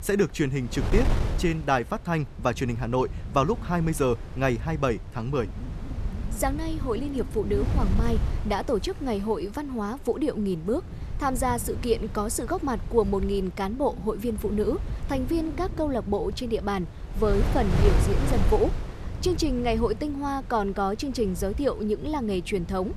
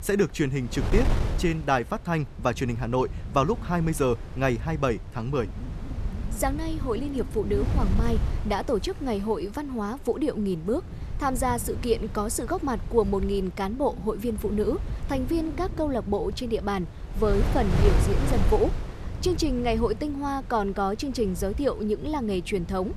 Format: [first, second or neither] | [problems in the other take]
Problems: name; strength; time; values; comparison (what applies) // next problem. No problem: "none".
neither | wind noise on the microphone; occasional gusts; 10 dB below the speech; the same in both